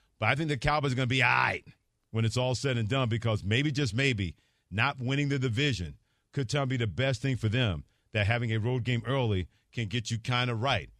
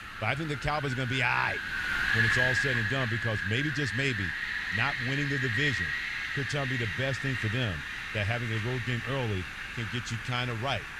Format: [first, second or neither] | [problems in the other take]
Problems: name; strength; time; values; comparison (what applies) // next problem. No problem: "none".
first | wind noise on the microphone; heavy; 3 dB above the speech